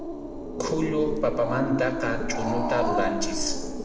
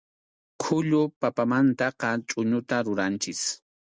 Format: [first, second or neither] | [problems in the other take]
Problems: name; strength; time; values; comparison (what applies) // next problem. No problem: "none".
second | background sound (Growling); 1 dB below the speech // room echo; dies away in 1.7 s